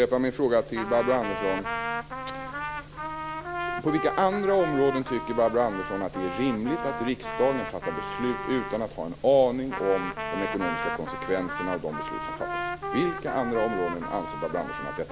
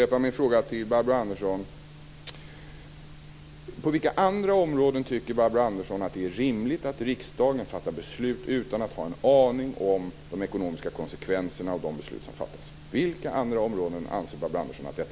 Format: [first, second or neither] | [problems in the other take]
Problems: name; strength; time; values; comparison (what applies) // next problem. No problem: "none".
second | background sound (Trumpet); 6 dB below the speech